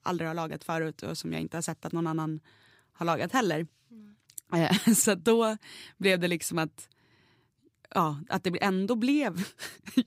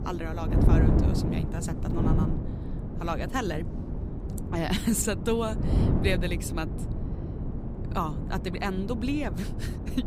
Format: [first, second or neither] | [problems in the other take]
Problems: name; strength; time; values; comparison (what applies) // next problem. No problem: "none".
first | wind noise on the microphone; heavy; 5 dB below the speech